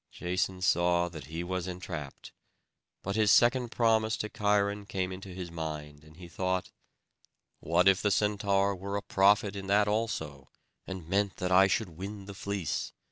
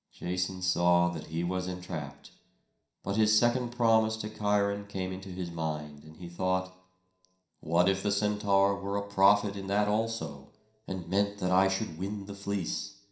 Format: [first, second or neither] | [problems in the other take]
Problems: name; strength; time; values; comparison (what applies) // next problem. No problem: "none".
first | room echo; dies away in 0.5 s